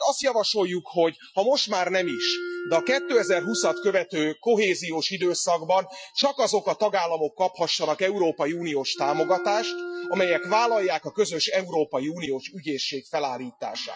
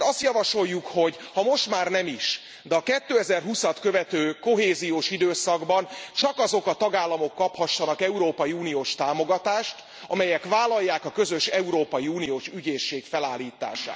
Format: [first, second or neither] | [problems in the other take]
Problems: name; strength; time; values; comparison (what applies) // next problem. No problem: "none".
second | noise reduction (classical method Wiener filter)